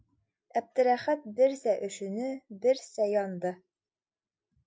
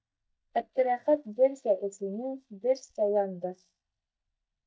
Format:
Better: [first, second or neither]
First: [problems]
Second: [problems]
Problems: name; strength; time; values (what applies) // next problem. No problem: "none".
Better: first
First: none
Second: noise reduction (neural mask model DeepFilterNet 3)